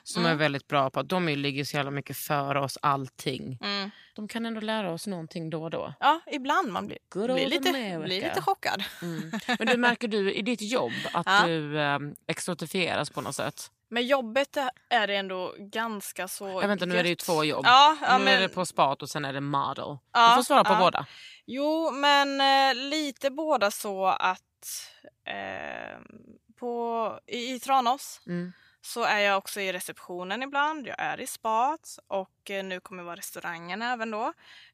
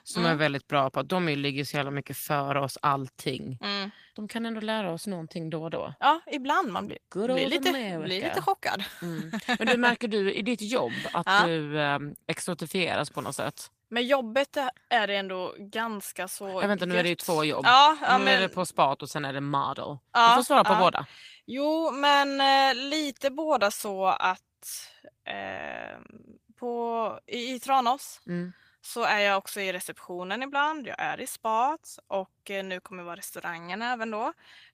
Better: first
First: none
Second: garbled, watery; slightly; nothing above 15 kHz

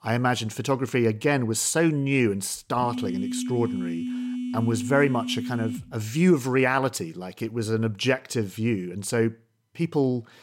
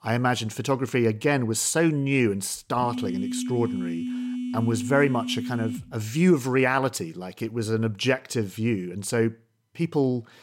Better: neither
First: phone ringing; noticeable; from 3 to 6 s; peak 5 dB below the speech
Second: phone ringing; noticeable; from 3 to 6 s; peak 5 dB below the speech

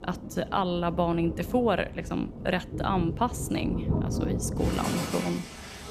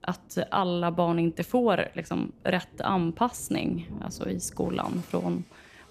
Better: second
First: rain or running water; loud; throughout; 5 dB below the speech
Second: rain or running water; faint; throughout; 20 dB below the speech

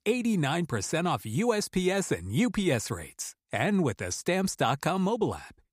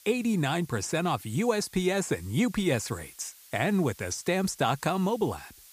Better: first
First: none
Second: hiss; faint; throughout; 25 dB below the speech

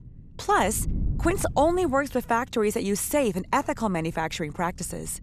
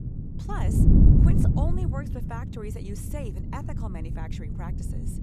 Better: first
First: wind noise on the microphone; occasional gusts; 25 dB below the speech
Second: wind noise on the microphone; heavy; 4 dB above the speech

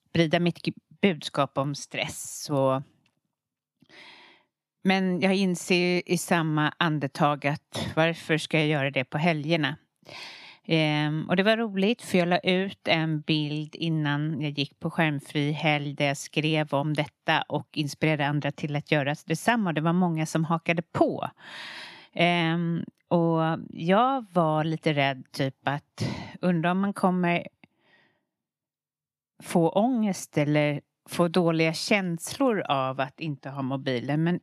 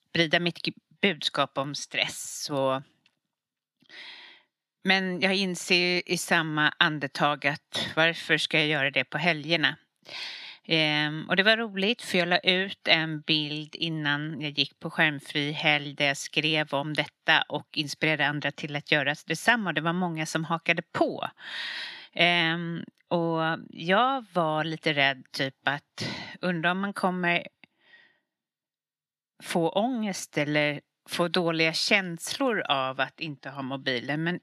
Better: first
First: none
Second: thin; very slightly; fading below 450 Hz

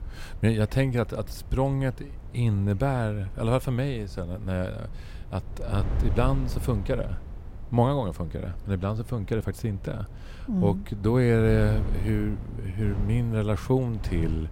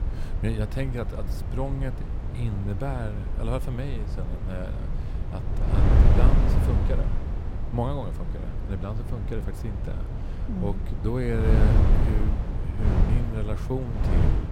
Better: first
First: wind noise on the microphone; occasional gusts; 15 dB below the speech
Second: wind noise on the microphone; heavy; 2 dB below the speech

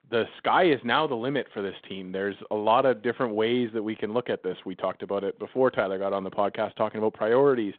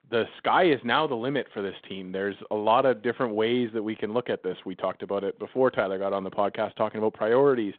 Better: neither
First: phone-call audio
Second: phone-call audio

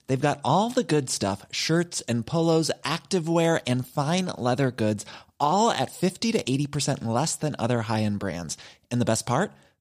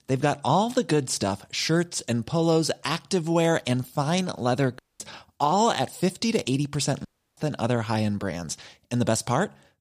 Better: first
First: none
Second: audio cutting out; at 5 s and at 7 s

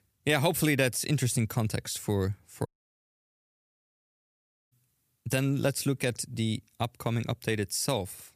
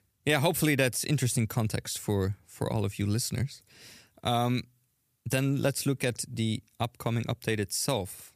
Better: second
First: audio cutting out; at 2.5 s for 2 s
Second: none

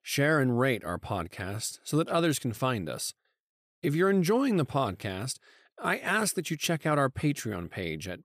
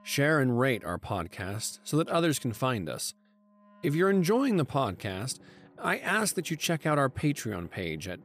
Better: first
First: none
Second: background music; faint; throughout; 30 dB below the speech

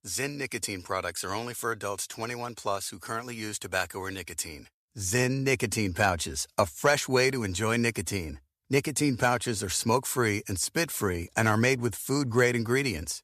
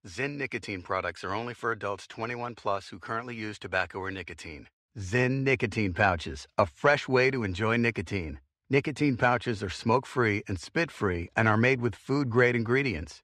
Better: first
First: none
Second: muffled; slightly; fading above 2.5 kHz

